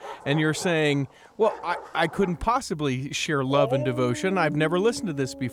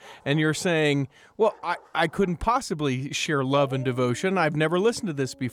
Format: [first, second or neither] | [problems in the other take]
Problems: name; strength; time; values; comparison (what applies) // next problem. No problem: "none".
second | animal sounds; loud; throughout; 10 dB below the speech; faint in the second